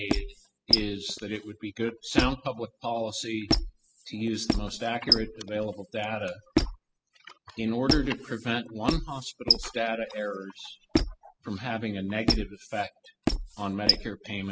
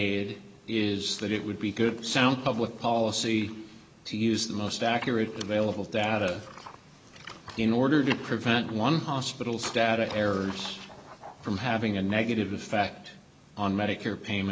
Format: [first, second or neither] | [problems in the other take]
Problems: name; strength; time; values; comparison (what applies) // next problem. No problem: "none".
second | noise reduction (classical method spectral subtraction)